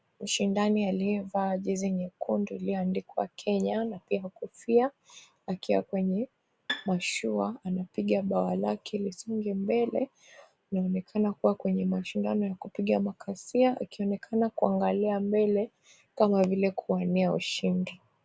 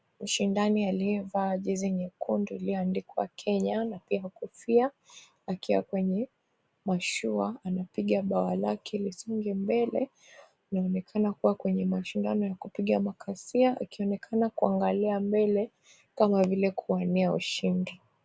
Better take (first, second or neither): second